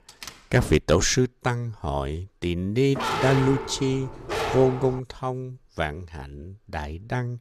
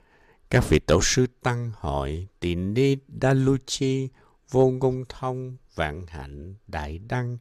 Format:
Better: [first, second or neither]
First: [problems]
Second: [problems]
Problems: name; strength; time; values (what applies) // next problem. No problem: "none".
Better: second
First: door banging; faint; at the start; peak 15 dB below the speech // dog barking; noticeable; from 3 to 5 s; peak level with the speech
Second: none